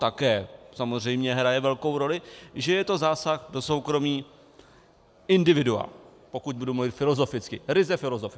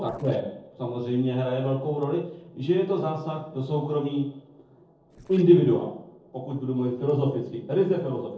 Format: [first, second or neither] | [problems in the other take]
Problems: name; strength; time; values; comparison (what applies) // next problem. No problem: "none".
first | noise reduction (neural separator model SepFormer DNS4)